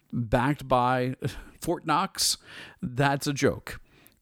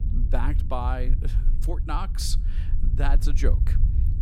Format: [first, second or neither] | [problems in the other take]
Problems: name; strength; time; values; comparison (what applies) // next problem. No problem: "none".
first | low rumble; noticeable; throughout; 10 dB below the speech